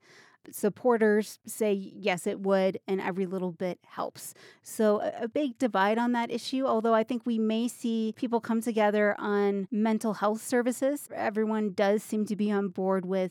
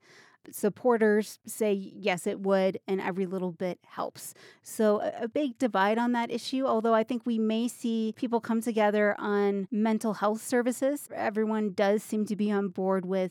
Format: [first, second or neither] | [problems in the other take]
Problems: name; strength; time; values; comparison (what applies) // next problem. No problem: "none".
neither | none